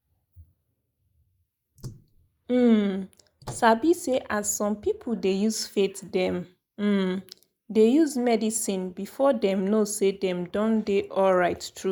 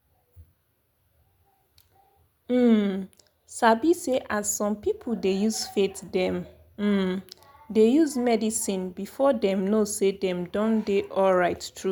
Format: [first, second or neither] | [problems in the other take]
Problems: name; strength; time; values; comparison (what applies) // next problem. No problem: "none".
second | noise reduction (neural mask model Resemble Enhance denoiser)